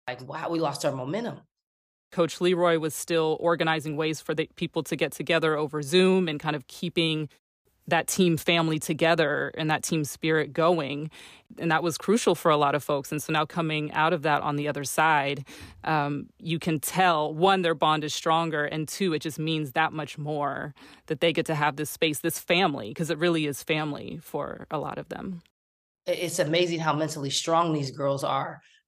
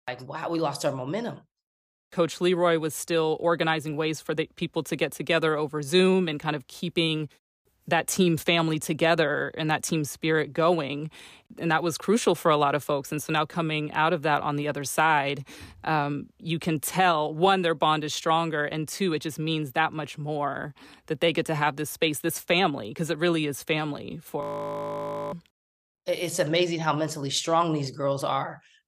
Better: first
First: none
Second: audio freezing; at 24 s for 1 s

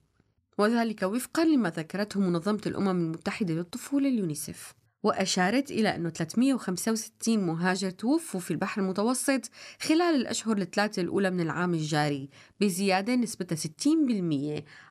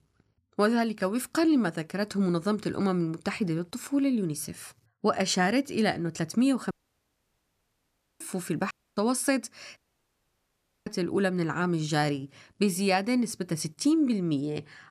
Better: first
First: none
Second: audio cutting out; at 6.5 s for 1.5 s, at 8.5 s and at 10 s for 1 s

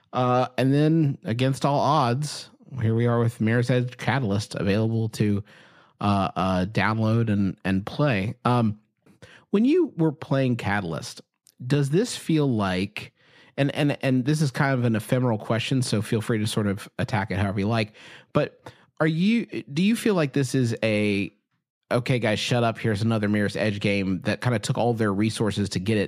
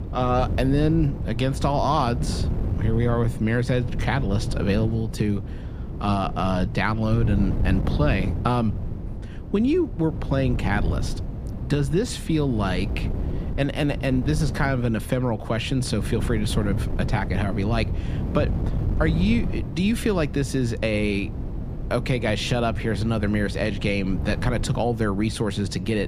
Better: first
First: none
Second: wind noise on the microphone; occasional gusts; 10 dB below the speech

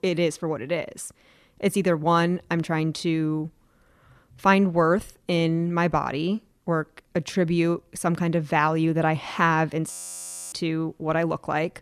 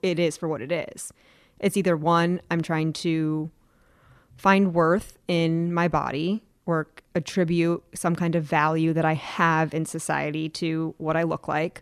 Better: second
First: audio freezing; at 10 s for 0.5 s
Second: none

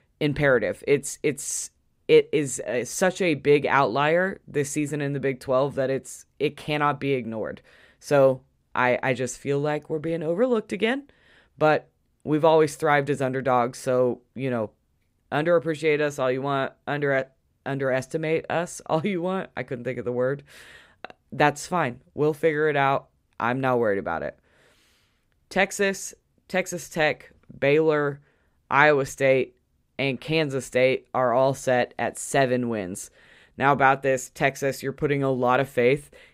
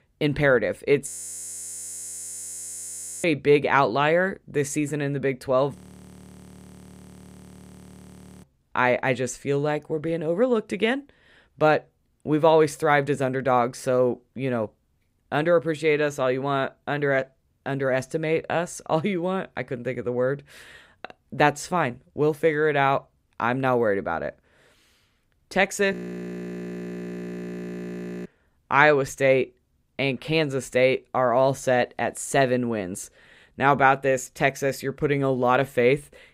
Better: first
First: none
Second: audio freezing; at 1 s for 2 s, at 6 s for 2.5 s and at 26 s for 2.5 s

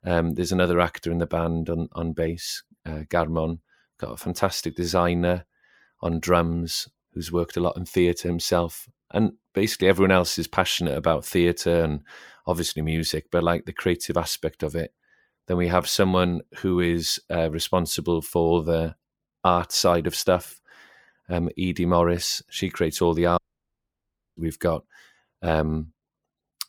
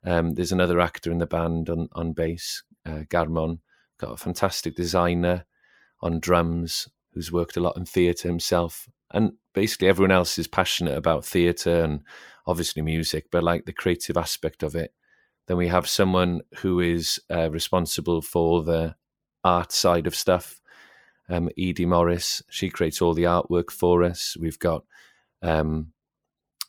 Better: second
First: audio cutting out; at 23 s for 1 s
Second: none

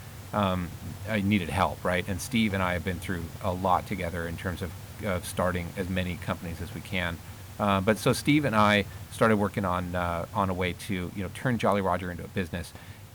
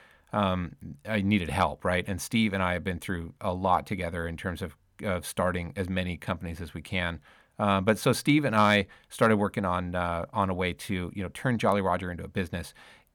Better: second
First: hiss; noticeable; throughout; 15 dB below the speech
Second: none

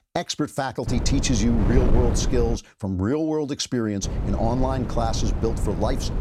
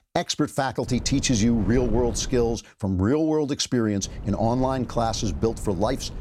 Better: second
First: wind noise on the microphone; heavy; from 1 to 2.5 s and from 4 s on; 8 dB below the speech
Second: wind noise on the microphone; occasional gusts; from 1 to 2.5 s and from 4 s on; 20 dB below the speech

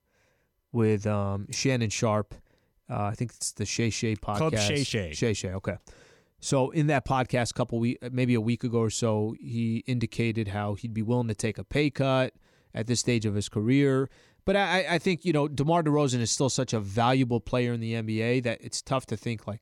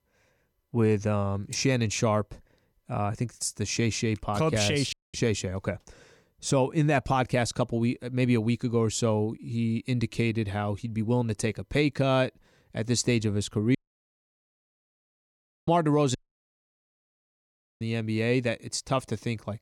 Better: first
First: none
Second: audio cutting out; at 5 s, at 14 s for 2 s and at 16 s for 1.5 s

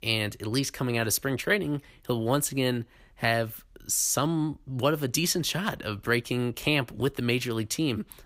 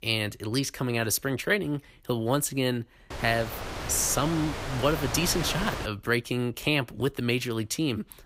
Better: first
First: none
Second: wind noise on the microphone; heavy; from 3 to 6 s; 6 dB below the speech

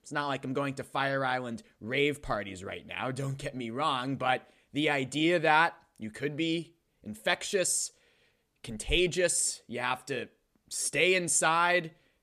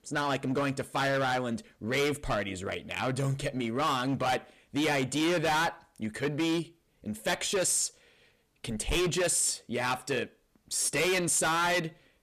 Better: first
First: none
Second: distortion; heavy; 16% of the sound clipped

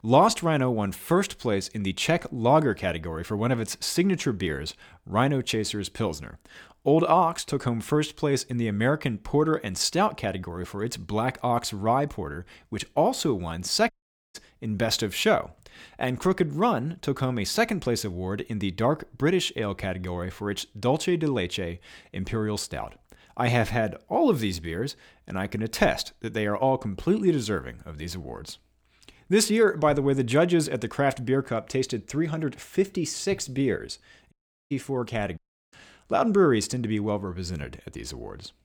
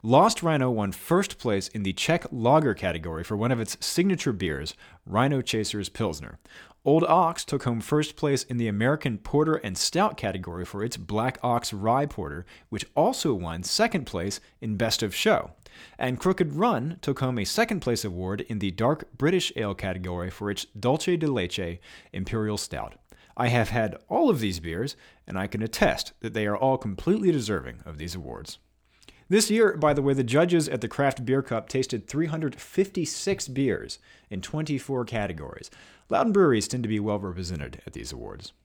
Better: second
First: audio cutting out; at 14 s, at 34 s and at 35 s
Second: none

